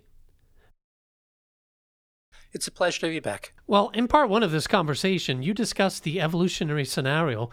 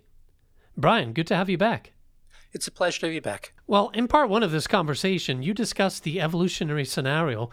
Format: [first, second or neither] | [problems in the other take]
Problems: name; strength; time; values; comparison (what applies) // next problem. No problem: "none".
second | audio cutting out; at 0.5 s for 1.5 s